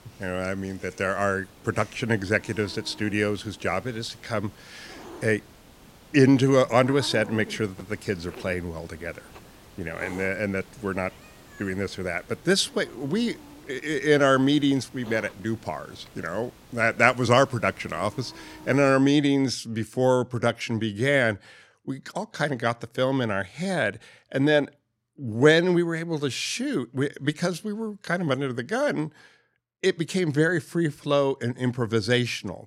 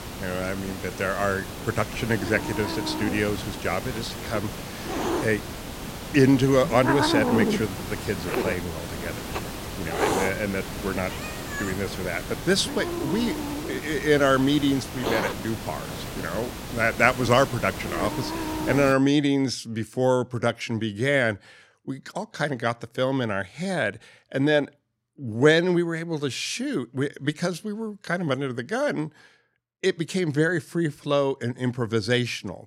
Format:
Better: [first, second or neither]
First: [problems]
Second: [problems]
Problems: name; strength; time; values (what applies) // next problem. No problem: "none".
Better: first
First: hiss; faint; until 19 s; 20 dB below the speech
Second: hiss; loud; until 19 s; 6 dB below the speech